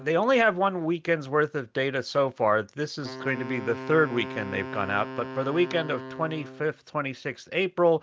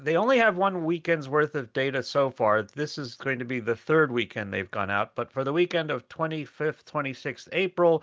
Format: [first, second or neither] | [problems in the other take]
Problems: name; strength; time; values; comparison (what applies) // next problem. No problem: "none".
second | background sound (Wind instrument, woodwind instrument); 14 dB below the speech